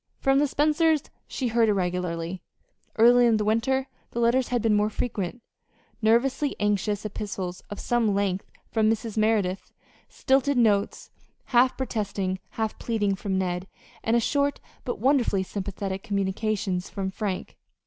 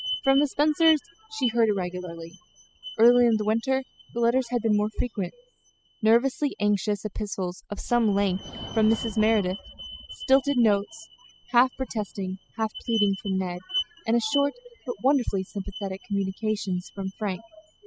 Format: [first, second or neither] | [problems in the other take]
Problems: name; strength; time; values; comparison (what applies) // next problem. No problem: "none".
first | noise reduction (classical method spectral subtraction)